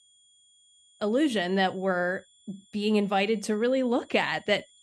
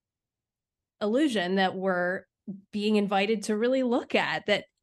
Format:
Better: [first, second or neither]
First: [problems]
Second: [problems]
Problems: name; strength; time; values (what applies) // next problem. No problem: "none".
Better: second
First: high-pitched whine; faint; throughout; 3.5 kHz, 30 dB below the speech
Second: none